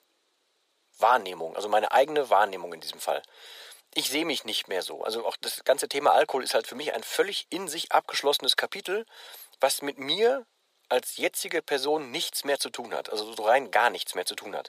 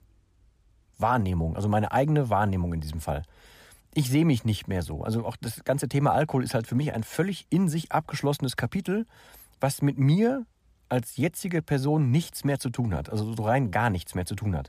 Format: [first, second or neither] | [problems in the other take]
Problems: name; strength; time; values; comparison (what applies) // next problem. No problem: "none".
second | thin; very; fading below 450 Hz